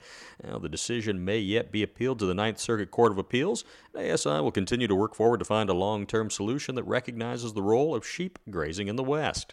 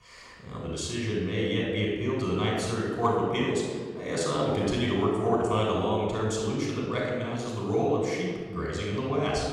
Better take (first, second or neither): first